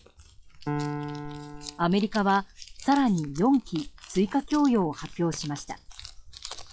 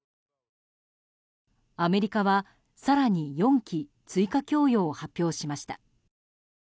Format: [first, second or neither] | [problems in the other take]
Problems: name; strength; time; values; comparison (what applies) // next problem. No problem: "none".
second | noise reduction (classical method log-MMSE)